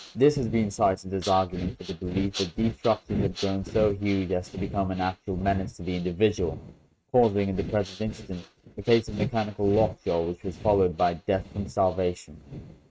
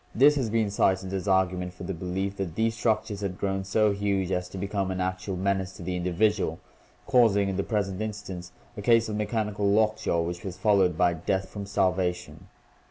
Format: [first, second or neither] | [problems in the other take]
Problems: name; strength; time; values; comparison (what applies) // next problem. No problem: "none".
second | noise reduction (neural mask model RNNoise)